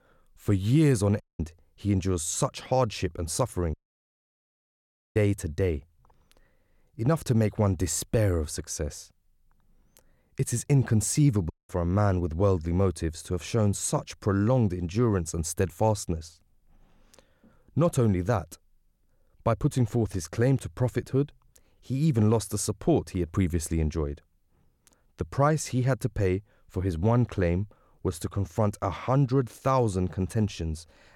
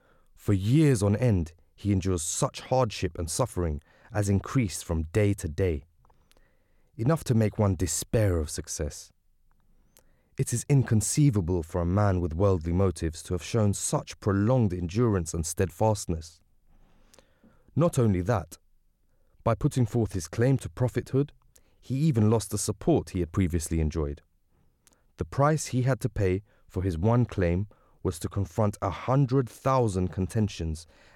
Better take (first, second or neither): second